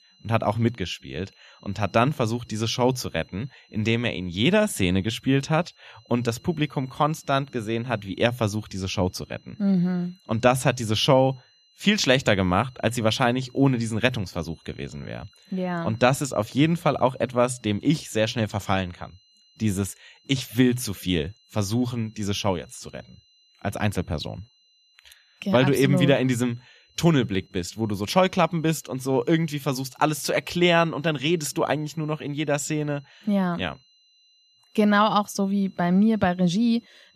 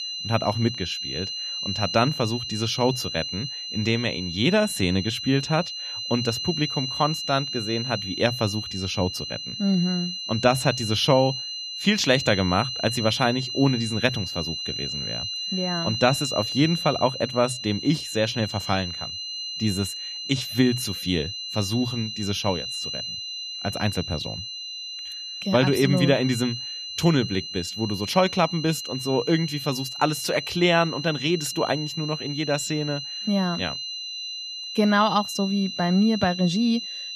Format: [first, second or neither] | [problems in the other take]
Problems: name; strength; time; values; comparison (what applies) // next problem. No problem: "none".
first | high-pitched whine; loud; throughout; 4 kHz, 5 dB below the speech; faint in the first